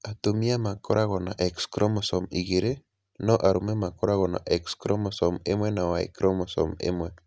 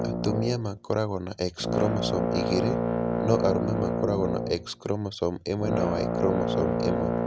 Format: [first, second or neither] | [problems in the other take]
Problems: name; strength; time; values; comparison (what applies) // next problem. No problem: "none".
first | background sound (Brass instrument); as loud as the speech